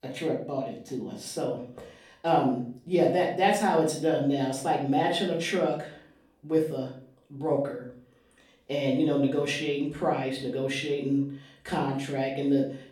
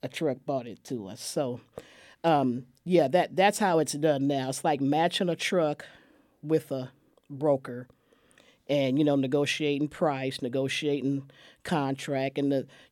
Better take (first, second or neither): second